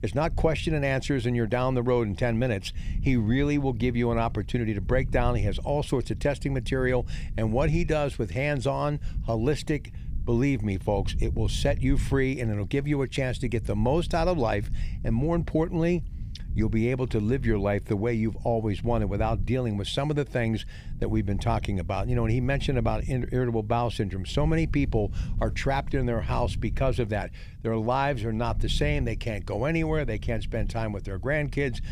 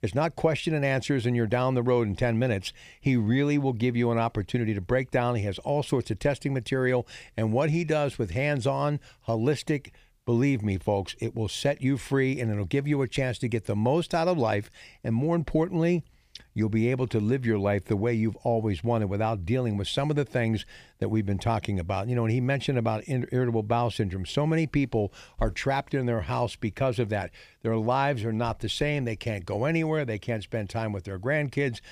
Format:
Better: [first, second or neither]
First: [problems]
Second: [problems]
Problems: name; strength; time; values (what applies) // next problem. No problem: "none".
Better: second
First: low rumble; faint; throughout; 20 dB below the speech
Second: none